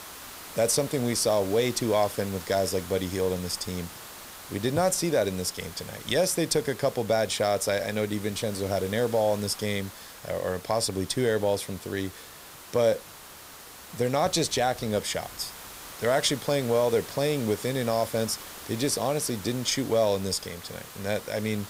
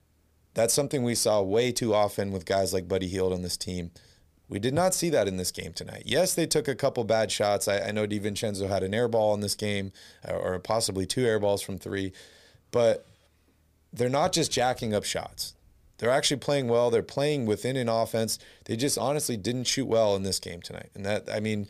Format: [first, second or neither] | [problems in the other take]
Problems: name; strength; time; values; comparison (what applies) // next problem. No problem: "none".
second | hiss; noticeable; throughout; 15 dB below the speech